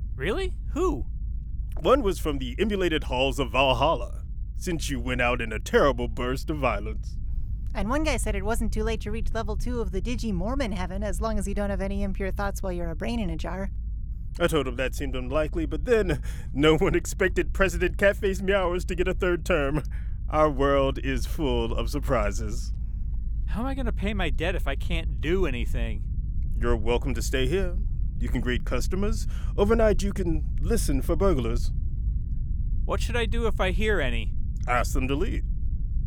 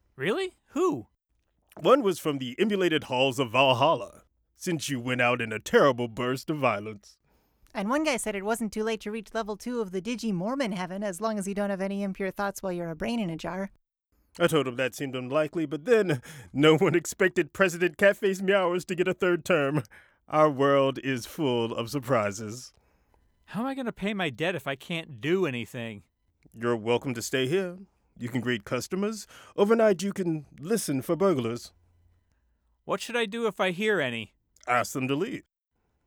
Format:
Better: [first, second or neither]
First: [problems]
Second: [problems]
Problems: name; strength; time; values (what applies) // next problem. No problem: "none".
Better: second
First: low rumble; faint; throughout; 25 dB below the speech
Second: none